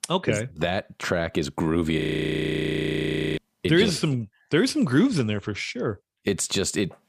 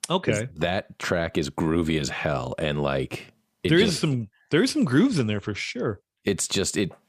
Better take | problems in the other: second | audio freezing; at 2 s for 1.5 s

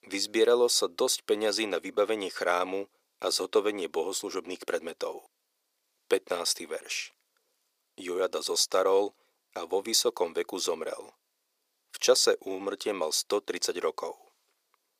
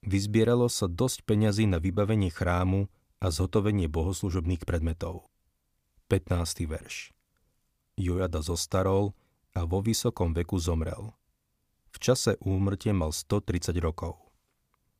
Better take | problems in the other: second | thin; very; fading below 400 Hz

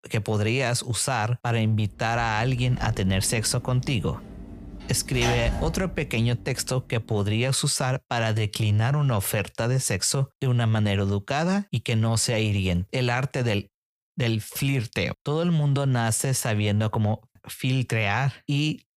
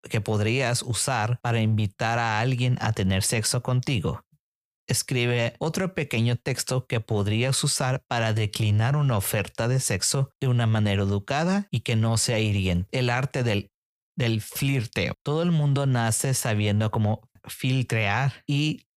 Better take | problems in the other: second | door banging; noticeable; from 2 to 6.5 s; peak 3 dB below the speech

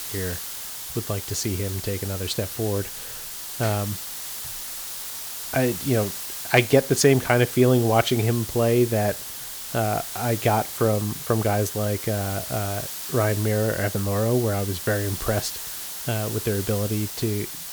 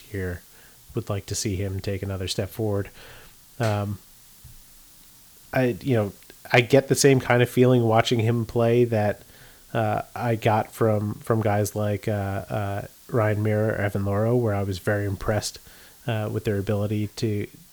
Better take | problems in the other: second | hiss; loud; throughout; 7 dB below the speech; faint in the second

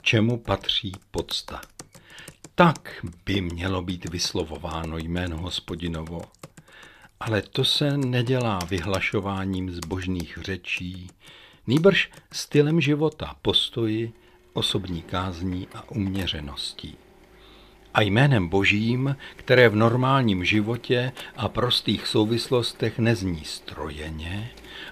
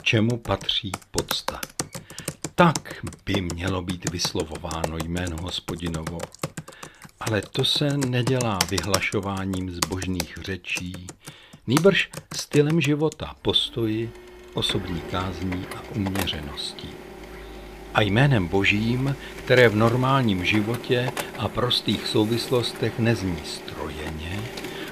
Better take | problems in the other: first | household noises; loud; throughout; 10 dB below the speech; faint in the first

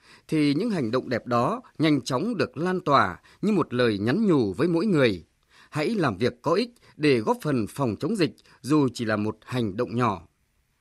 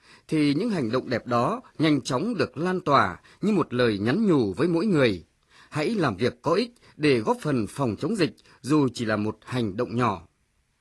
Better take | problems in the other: first | garbled, watery; slightly; nothing above 11.5 kHz

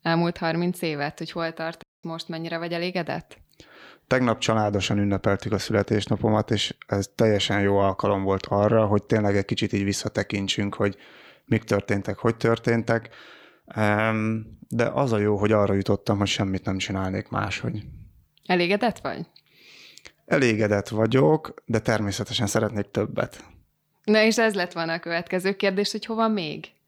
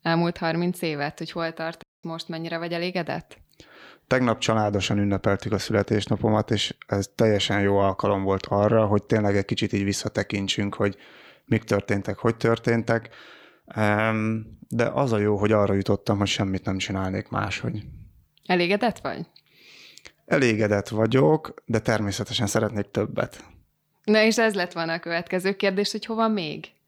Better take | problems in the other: neither | audio cutting out; at 2 s; the same in both

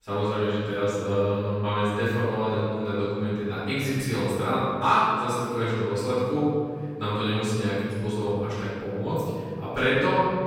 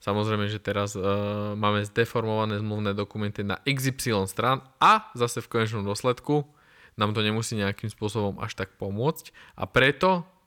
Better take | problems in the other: second | off-mic speech; far // room echo; strong; dies away in 2.2 s

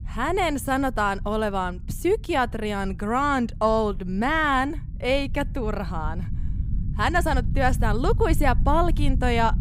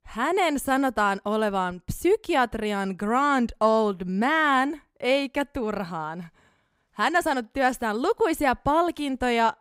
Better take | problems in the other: second | low rumble; faint; throughout; 20 dB below the speech

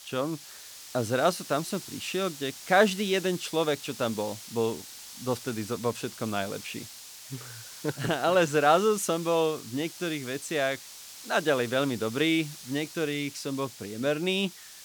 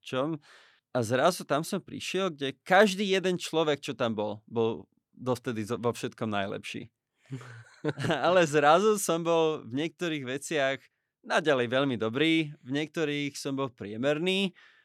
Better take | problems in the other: second | hiss; noticeable; throughout; 15 dB below the speech

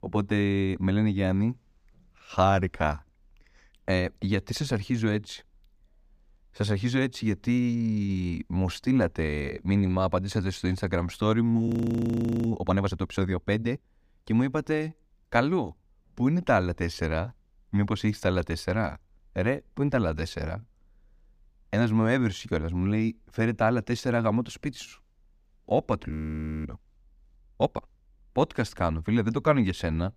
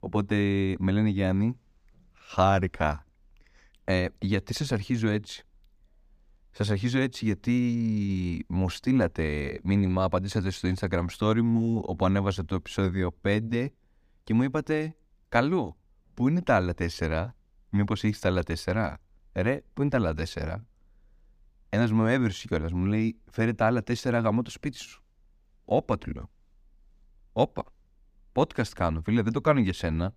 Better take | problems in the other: second | audio freezing; at 12 s for 1 s and at 26 s for 0.5 s

